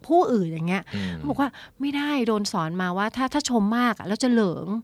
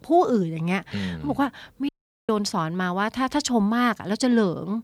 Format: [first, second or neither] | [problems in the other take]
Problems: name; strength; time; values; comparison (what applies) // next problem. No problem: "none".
first | audio cutting out; at 2 s